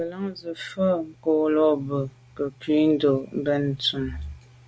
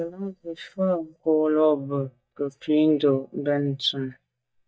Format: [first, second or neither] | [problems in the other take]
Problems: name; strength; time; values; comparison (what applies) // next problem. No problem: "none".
first | noise reduction (neural mask model DeepFilterNet 3)